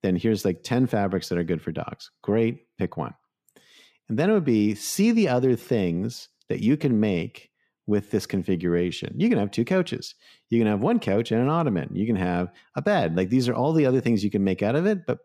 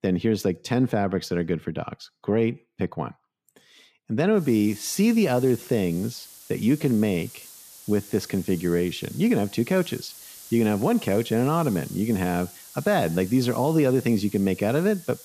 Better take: first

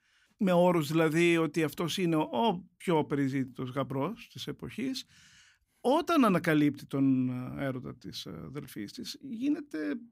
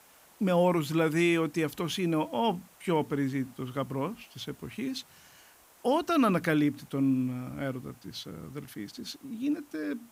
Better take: first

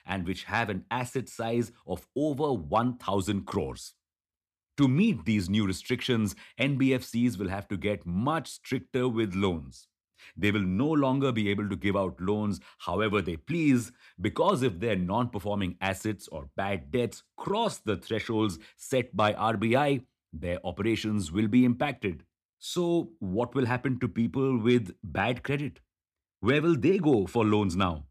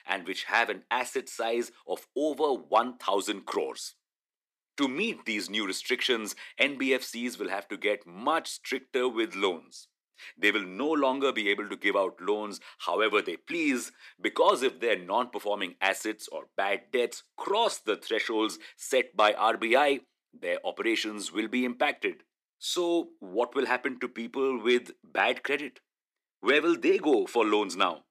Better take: first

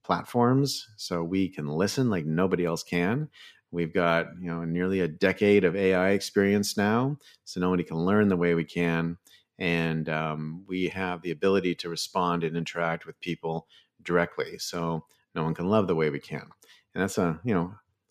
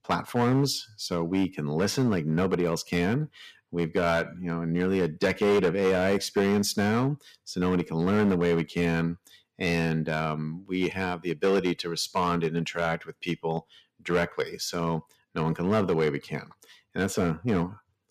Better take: first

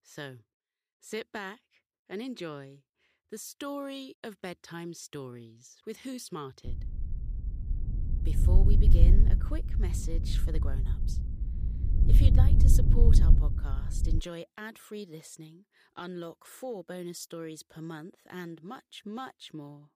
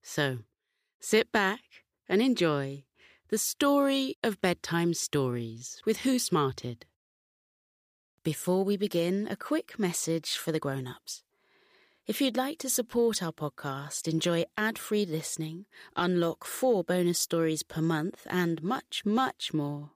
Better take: second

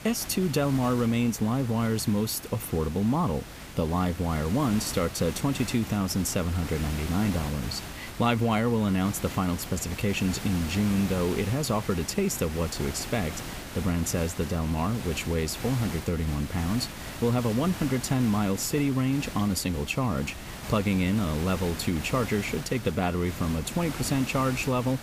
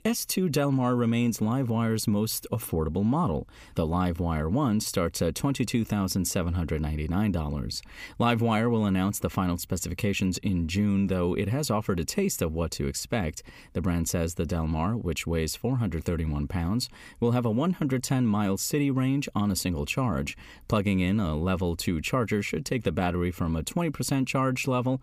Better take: second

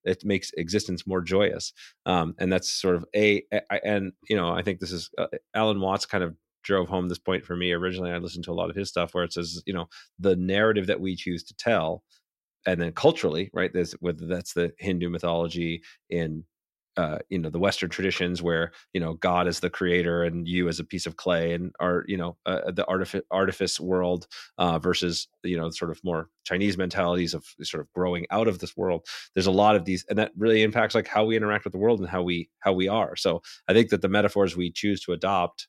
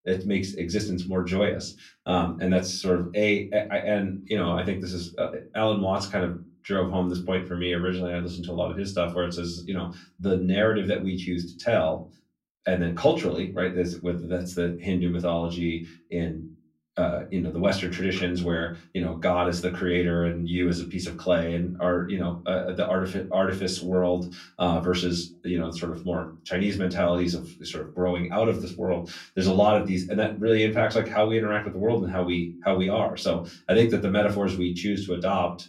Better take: first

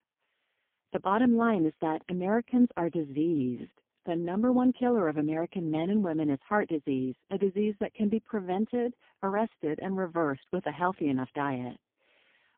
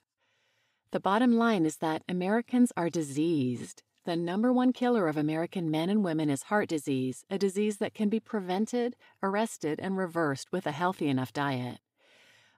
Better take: second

